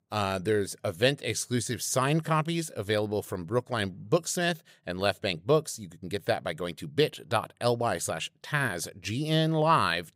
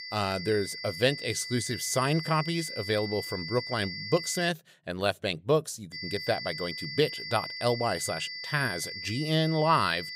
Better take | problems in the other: first | high-pitched whine; loud; until 4.5 s and from 6 s on; 2 kHz, 7 dB below the speech

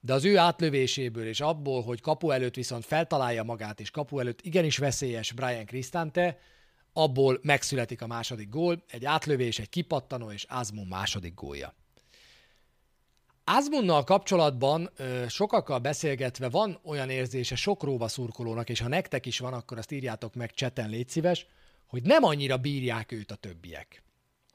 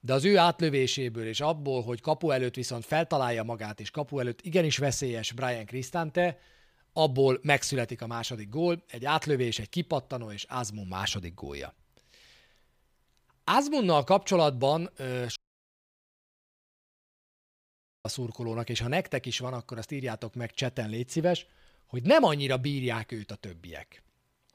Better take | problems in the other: first | audio cutting out; at 15 s for 2.5 s

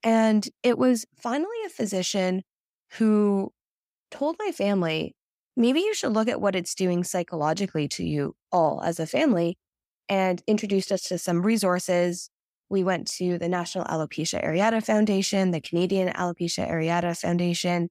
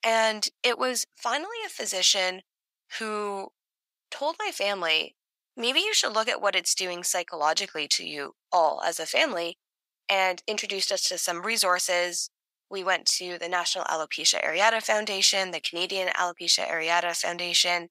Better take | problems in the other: first | thin; very; fading below 900 Hz

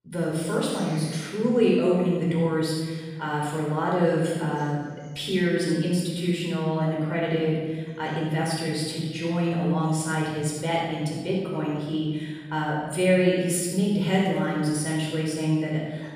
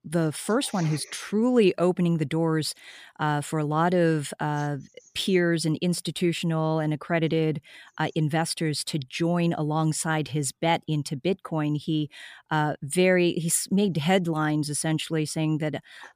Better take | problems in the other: second | room echo; strong; dies away in 1.3 s // off-mic speech; far

